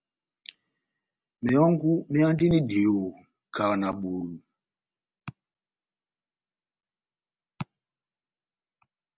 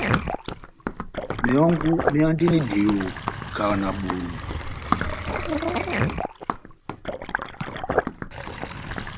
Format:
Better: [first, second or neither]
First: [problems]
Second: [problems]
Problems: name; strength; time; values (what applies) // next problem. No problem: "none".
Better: first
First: none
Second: background sound (Sink (filling or washing) + Run); 2 dB below the speech